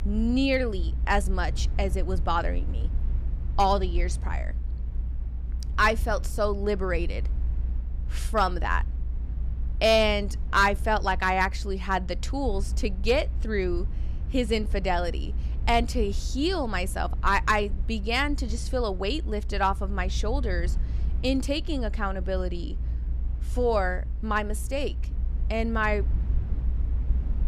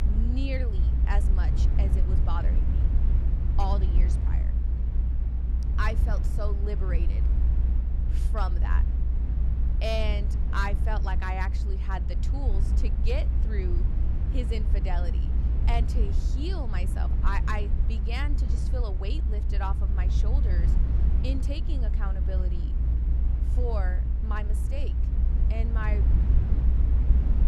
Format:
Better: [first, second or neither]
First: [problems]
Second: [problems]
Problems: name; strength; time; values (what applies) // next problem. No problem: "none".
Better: first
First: low rumble; faint; throughout; 25 dB below the speech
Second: low rumble; loud; throughout; 7 dB below the speech